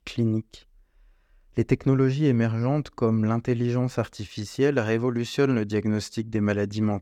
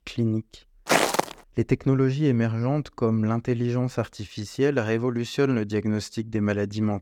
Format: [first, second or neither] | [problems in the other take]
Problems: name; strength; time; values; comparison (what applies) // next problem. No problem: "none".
first | footsteps; loud; at 1 s; peak 4 dB above the speech